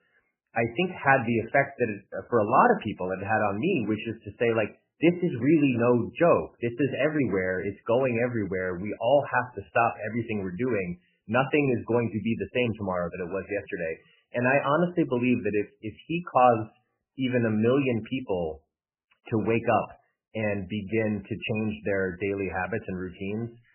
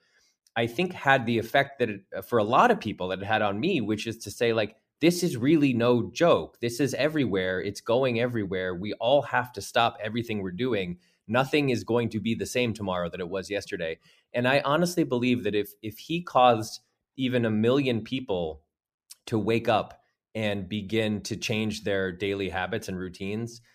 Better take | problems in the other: second | garbled, watery; badly; nothing above 3 kHz

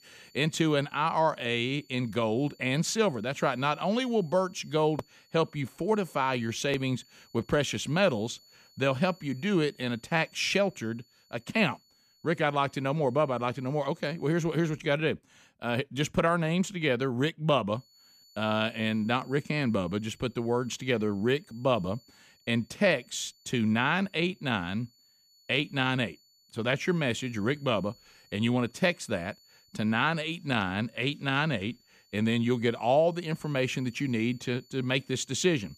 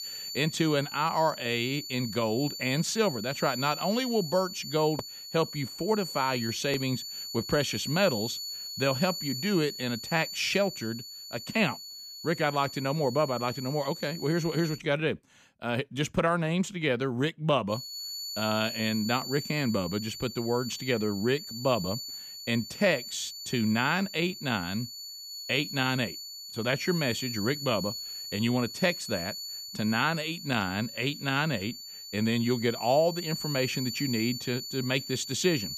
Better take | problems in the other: first | high-pitched whine; loud; until 15 s and from 18 s on; 4.5 kHz, 8 dB below the speech; faint in the first

